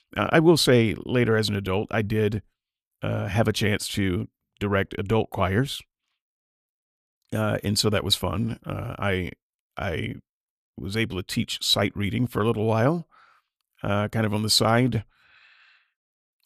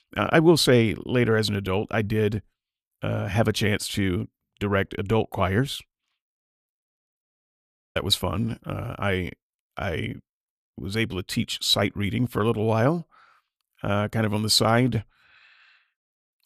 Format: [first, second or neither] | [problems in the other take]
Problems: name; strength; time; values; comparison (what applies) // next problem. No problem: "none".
first | audio cutting out; at 7 s for 0.5 s